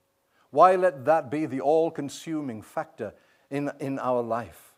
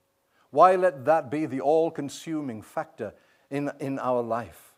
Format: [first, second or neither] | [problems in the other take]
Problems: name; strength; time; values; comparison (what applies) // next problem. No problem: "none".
neither | none